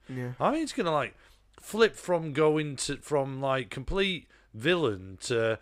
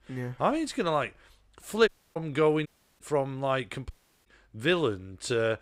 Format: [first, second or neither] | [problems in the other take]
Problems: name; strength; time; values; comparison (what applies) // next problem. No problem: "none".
first | audio cutting out; at 2 s, at 2.5 s and at 4 s